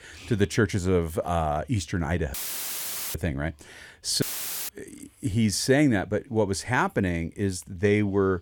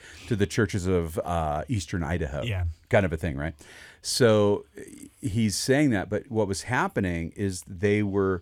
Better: second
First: audio cutting out; filled with static; at 2.5 s for 1 s and at 4 s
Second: none

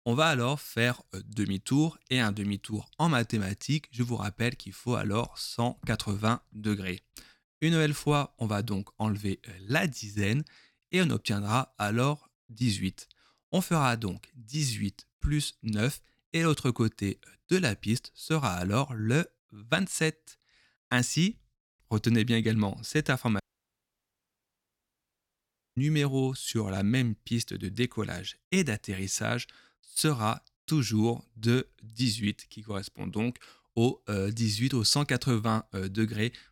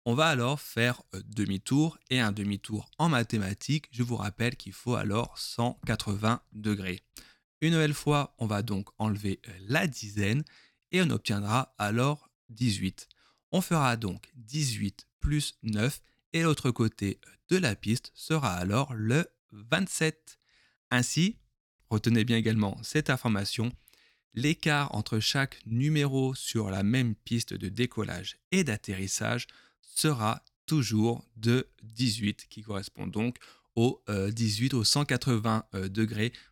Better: second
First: audio cutting out; at 23 s for 2.5 s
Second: none

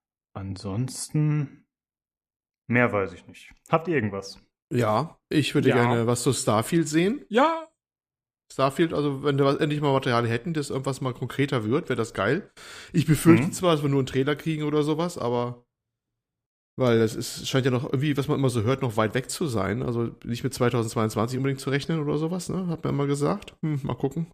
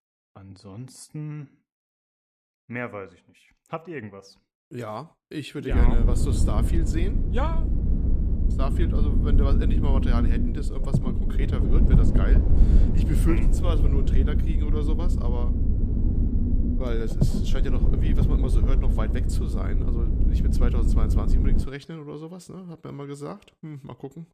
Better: first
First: none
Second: low rumble; loud; from 5.5 to 22 s; as loud as the speech

